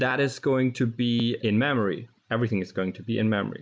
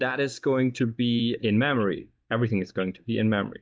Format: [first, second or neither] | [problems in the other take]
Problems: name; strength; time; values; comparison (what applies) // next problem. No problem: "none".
first | noise reduction (neural mask model DeepFilterNet 3)